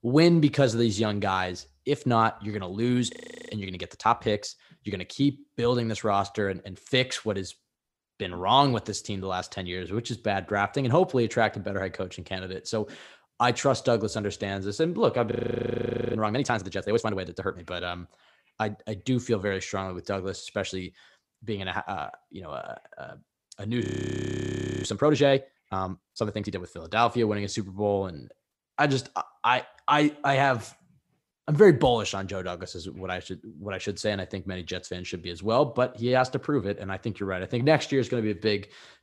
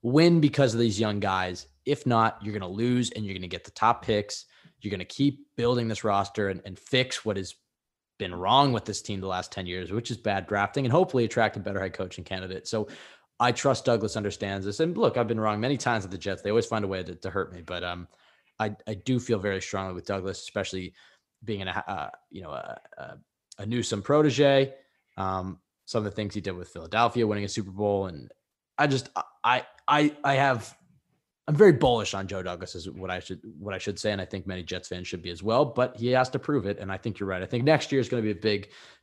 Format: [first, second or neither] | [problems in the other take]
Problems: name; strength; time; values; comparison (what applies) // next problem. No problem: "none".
second | audio freezing; at 3 s, at 15 s for 1 s and at 24 s for 1 s